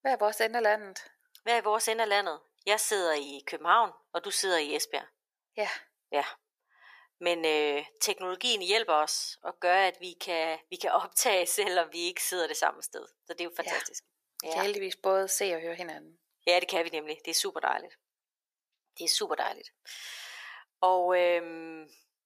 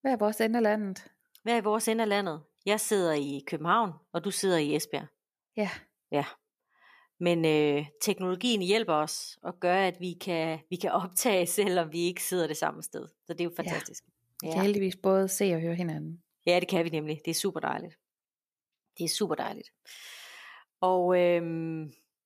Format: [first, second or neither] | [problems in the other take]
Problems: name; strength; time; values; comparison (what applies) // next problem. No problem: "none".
second | thin; very; fading below 450 Hz